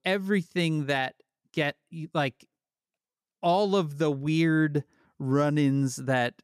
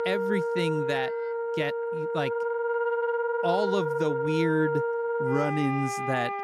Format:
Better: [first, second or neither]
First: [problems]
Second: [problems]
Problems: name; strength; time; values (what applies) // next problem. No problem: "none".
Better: first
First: none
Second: background music; very loud; throughout; 1 dB above the speech